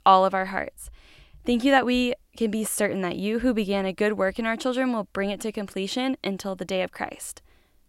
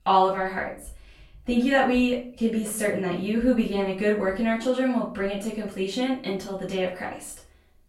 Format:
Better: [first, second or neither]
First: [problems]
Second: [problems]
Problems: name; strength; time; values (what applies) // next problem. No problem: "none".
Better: first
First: none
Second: off-mic speech; far // room echo; slight; dies away in 0.4 s